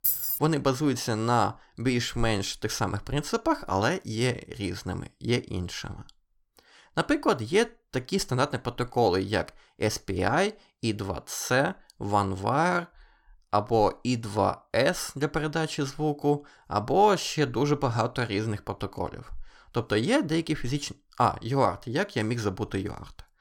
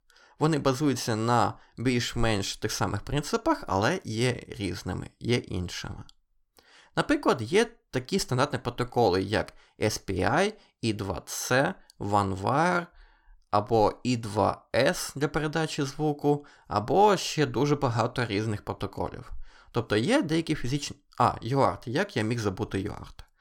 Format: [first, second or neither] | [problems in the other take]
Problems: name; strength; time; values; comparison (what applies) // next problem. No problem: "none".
second | jangling keys; loud; at the start; peak 3 dB above the speech